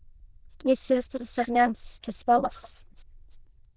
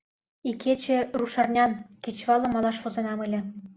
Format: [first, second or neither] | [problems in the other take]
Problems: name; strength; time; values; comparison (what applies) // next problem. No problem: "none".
second | noise reduction (neural diffusion model UNIVERSE++)